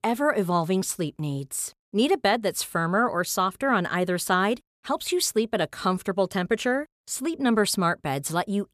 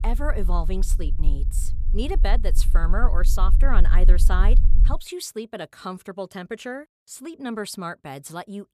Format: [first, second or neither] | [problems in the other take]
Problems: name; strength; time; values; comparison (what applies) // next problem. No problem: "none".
first | low rumble; noticeable; until 5 s; 15 dB below the speech